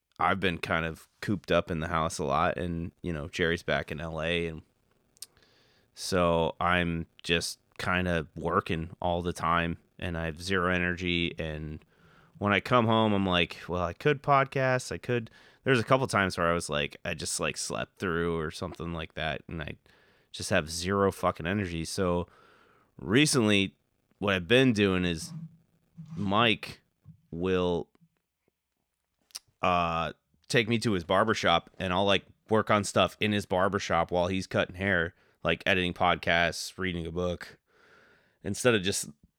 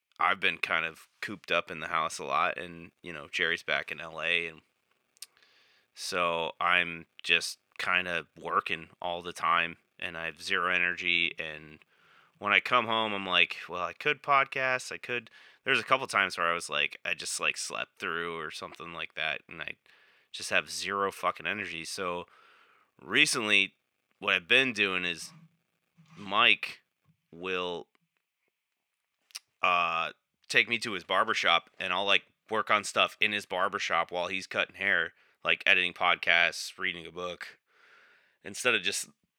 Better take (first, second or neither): first